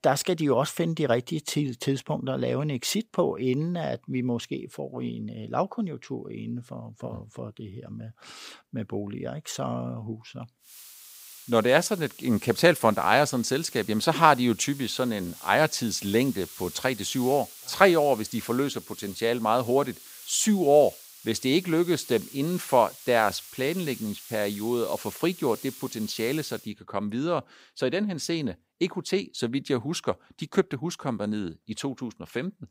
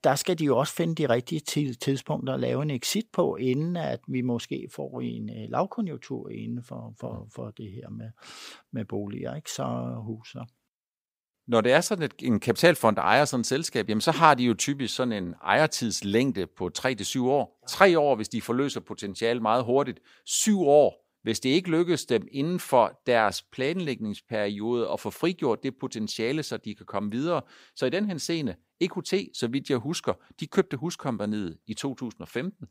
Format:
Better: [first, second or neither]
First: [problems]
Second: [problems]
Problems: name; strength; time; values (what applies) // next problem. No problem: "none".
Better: second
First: hiss; noticeable; from 11 to 27 s; 15 dB below the speech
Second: none